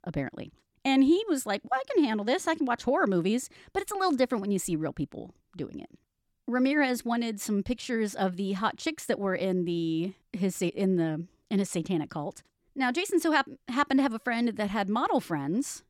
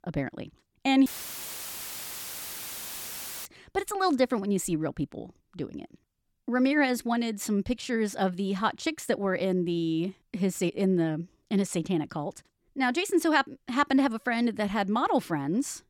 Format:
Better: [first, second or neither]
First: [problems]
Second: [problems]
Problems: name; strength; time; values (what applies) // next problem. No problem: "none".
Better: first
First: none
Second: audio cutting out; filled with static; at 1 s for 2.5 s